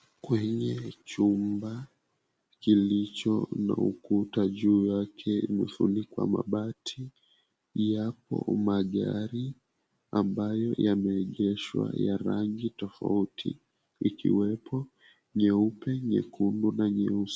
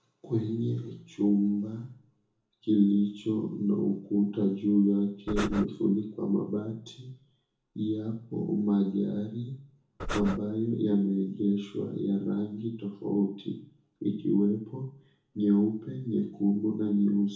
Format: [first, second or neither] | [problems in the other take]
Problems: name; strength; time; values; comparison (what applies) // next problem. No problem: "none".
first | background sound (Breathing); 4 dB below the speech // room echo; dies away in 0.7 s